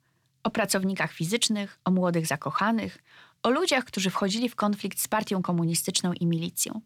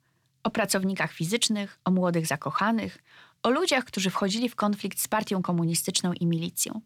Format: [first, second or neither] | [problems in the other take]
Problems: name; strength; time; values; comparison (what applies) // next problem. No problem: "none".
neither | none